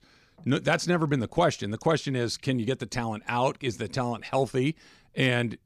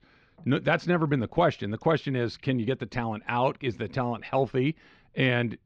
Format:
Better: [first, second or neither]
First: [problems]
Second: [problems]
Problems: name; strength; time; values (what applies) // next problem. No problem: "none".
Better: first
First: none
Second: muffled; slightly; fading above 3.5 kHz